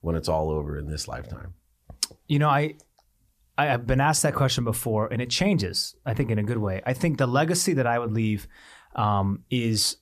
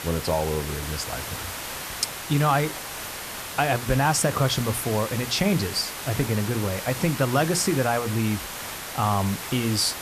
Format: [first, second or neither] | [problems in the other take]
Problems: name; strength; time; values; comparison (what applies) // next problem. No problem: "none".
first | hiss; loud; throughout; 7 dB below the speech